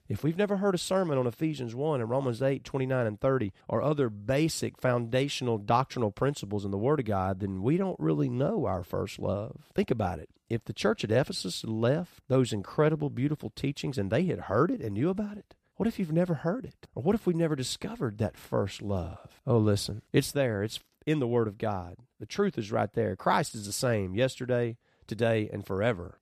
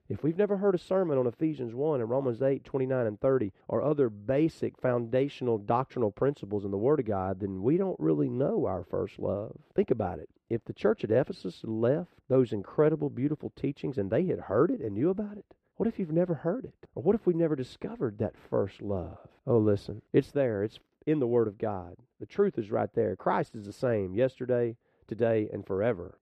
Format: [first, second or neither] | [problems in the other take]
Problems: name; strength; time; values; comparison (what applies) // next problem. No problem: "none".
first | muffled; very; fading above 4 kHz